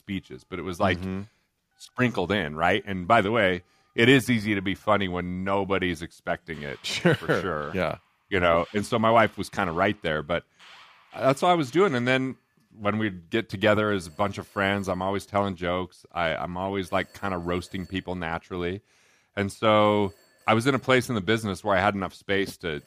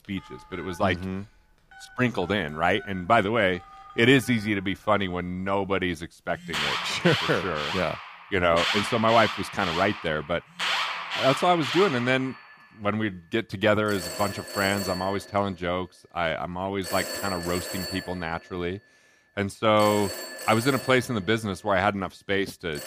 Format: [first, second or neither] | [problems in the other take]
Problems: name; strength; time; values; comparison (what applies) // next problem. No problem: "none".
first | alarms or sirens; loud; throughout; 5 dB below the speech; faint in the first